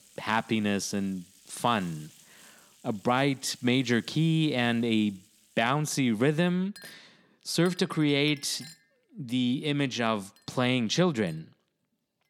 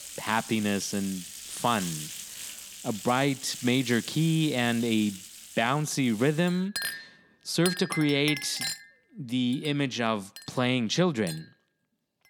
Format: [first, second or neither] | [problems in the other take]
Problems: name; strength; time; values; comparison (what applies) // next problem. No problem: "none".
first | household noises; loud; throughout; 10 dB below the speech; faint in the first